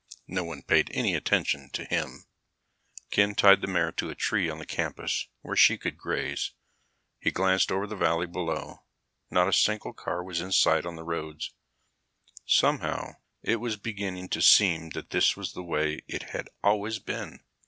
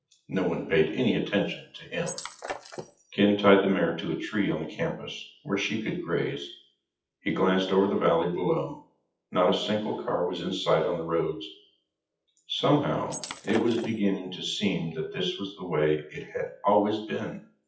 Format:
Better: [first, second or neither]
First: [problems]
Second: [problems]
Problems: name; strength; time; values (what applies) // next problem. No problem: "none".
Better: first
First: none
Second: noise reduction (classical method WPE with log-MMSE)